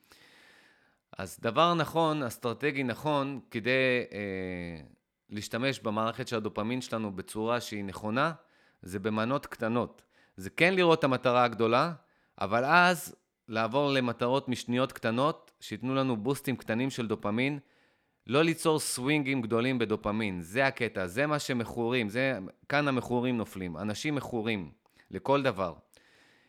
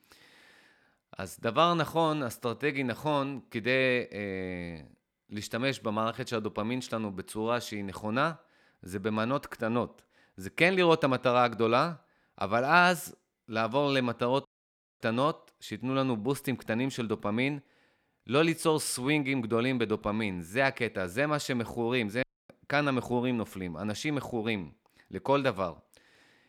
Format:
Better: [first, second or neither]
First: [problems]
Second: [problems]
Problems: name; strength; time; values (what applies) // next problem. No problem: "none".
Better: first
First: none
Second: audio cutting out; at 14 s for 0.5 s and at 22 s